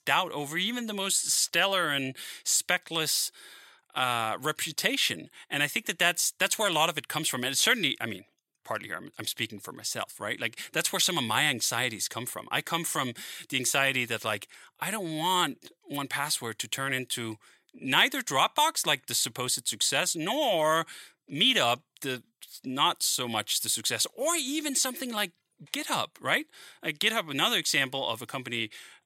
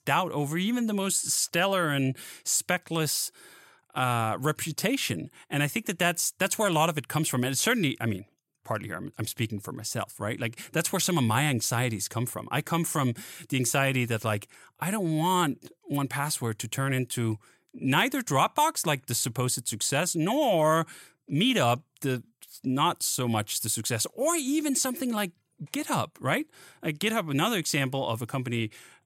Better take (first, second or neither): second